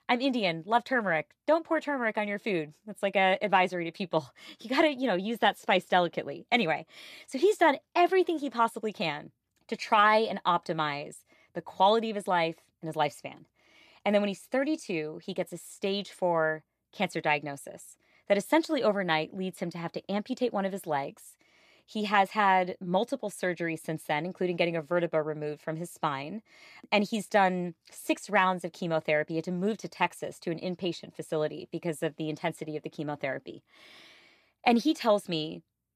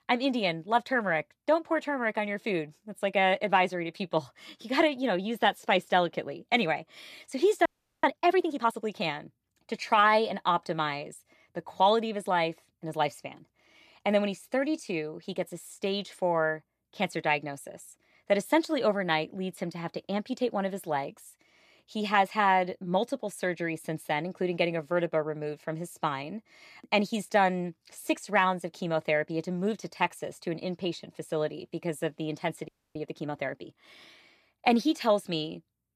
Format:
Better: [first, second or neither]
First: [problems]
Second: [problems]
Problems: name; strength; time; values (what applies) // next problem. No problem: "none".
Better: first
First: none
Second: audio freezing; at 7.5 s and at 33 s